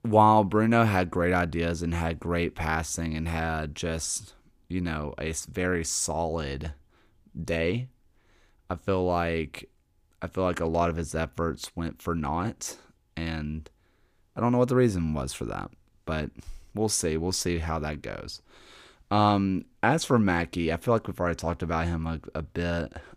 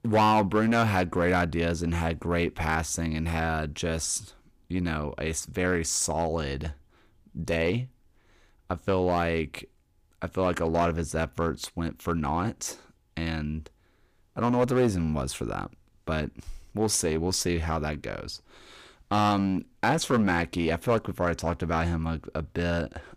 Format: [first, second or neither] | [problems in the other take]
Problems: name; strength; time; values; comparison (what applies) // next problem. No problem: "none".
first | distortion; slight; 4% of the sound clipped